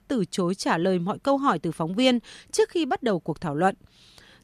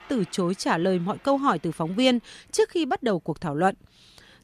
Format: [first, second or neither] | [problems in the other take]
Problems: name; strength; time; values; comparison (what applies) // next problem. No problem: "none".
first | household noises; faint; throughout; 25 dB below the speech